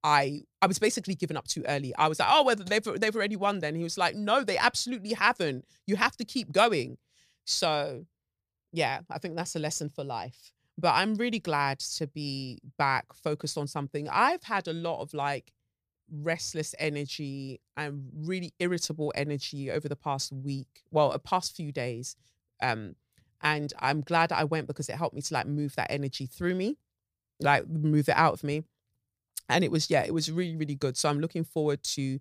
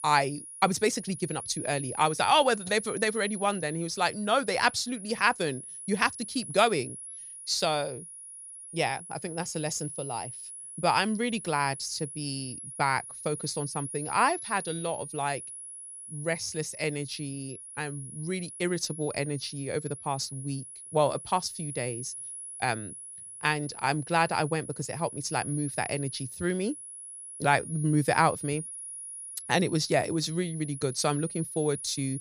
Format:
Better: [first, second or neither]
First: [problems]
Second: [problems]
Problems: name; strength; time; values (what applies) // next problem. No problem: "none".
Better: first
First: none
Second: high-pitched whine; noticeable; throughout; 10.5 kHz, 10 dB below the speech